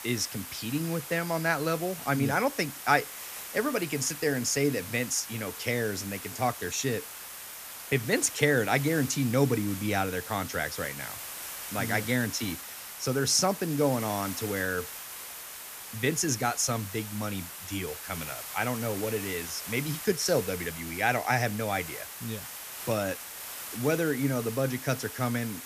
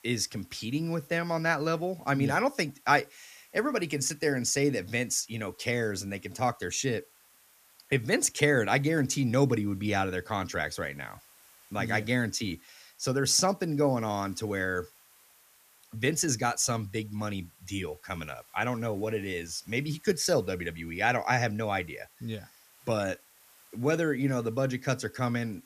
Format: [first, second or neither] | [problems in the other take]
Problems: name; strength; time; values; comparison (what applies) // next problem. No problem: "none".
second | hiss; loud; throughout; 9 dB below the speech; faint in the second